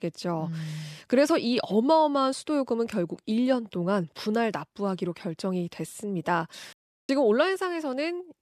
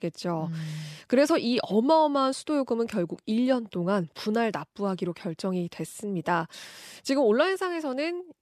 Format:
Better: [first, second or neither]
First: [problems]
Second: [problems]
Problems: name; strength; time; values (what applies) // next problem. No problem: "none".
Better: second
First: audio cutting out; at 6.5 s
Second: none